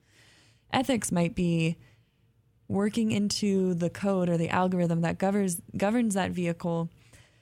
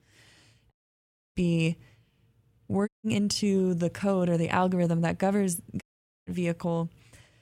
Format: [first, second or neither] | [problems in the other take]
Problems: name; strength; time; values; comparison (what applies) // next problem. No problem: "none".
first | audio cutting out; at 0.5 s for 0.5 s, at 3 s and at 6 s